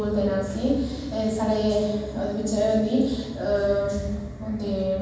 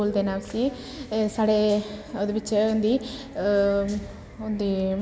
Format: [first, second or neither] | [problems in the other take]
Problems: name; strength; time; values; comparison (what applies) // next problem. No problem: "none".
second | room echo; dies away in 1.2 s